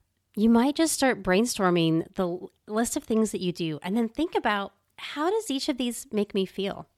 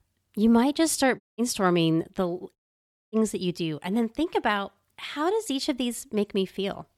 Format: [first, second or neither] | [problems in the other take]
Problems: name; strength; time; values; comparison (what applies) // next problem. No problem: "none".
first | audio cutting out; at 1 s and at 2.5 s for 0.5 s